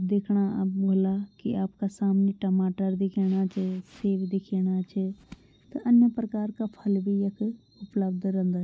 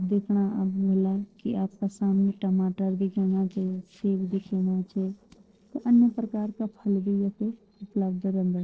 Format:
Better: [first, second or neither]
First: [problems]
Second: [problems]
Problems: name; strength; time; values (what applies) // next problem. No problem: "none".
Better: first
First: none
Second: noise reduction (neural separator model SepFormer DNS4)